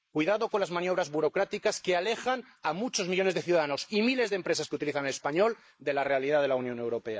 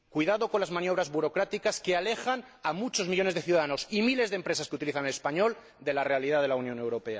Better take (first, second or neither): second